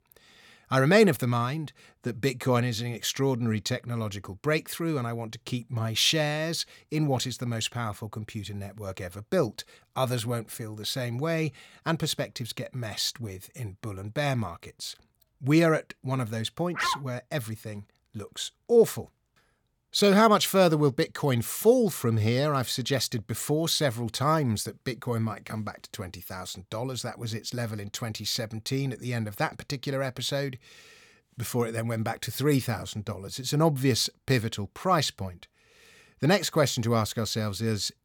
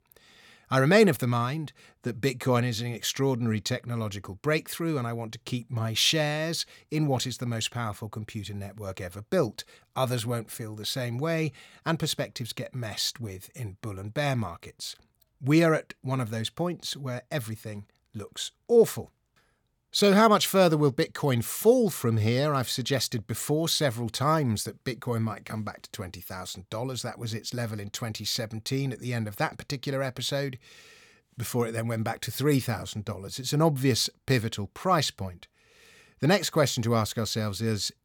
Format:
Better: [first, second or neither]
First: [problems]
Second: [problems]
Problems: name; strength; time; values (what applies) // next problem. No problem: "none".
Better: second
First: dog barking; noticeable; at 17 s; peak 2 dB below the speech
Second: none